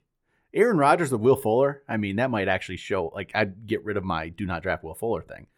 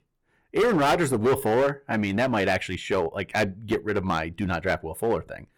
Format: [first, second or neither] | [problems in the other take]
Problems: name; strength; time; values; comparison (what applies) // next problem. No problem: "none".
first | distortion; heavy; 11% of the sound clipped